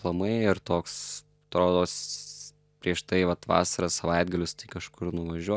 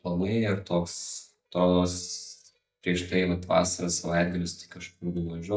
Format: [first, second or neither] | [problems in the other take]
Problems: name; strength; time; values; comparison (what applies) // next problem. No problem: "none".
first | noise reduction (neural mask model DeepFilterNet 3)